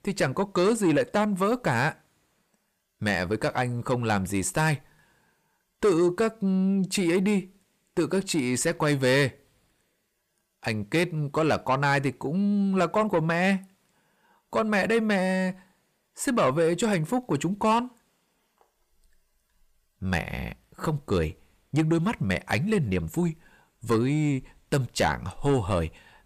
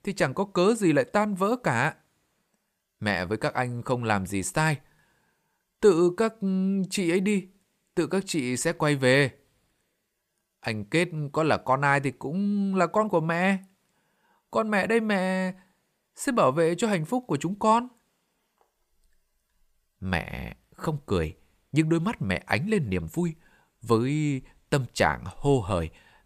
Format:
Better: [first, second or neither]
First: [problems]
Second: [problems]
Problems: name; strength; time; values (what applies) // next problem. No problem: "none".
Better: second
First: distortion; slight; 10 dB below the speech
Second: none